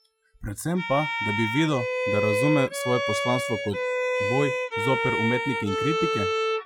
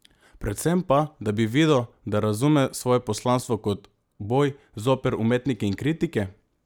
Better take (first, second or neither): second